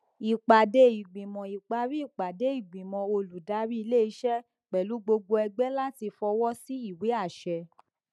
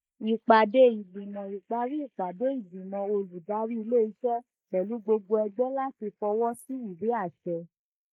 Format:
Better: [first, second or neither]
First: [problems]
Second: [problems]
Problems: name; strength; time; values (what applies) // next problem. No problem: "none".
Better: first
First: none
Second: noise reduction (neural mask model Resemble Enhance denoiser)